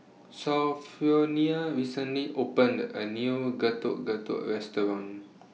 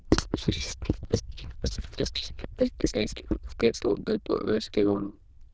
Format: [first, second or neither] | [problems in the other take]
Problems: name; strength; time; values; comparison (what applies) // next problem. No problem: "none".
first | noise reduction (neural diffusion model UNIVERSE++)